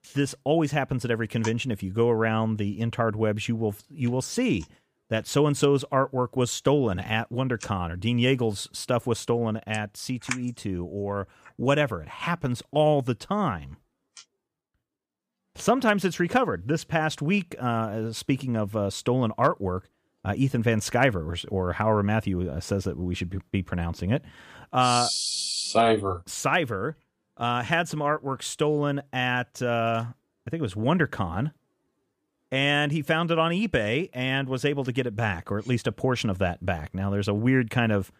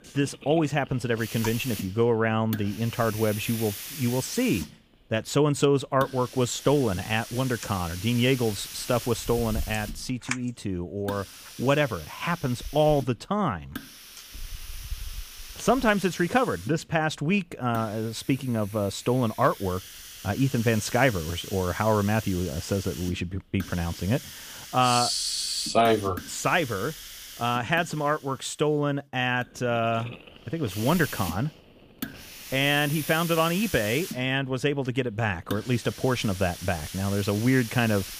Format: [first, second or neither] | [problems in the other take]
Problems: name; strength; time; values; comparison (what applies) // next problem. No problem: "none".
first | hiss; noticeable; throughout; 10 dB below the speech